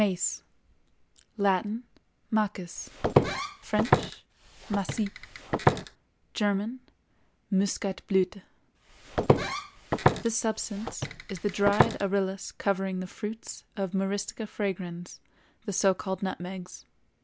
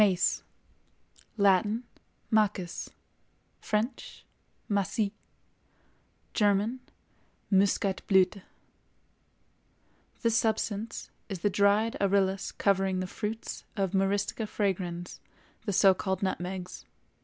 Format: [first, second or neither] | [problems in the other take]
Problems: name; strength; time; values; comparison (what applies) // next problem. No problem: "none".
second | background sound (Walk, footsteps); 2 dB above the speech